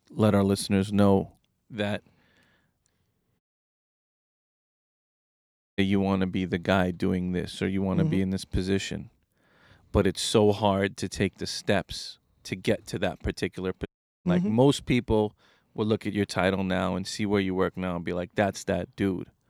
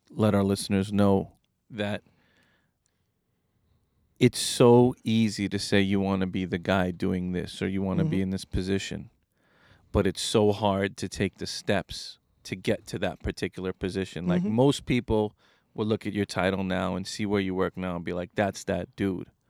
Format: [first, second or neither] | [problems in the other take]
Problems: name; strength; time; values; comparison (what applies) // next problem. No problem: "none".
second | audio cutting out; at 3.5 s for 2.5 s and at 14 s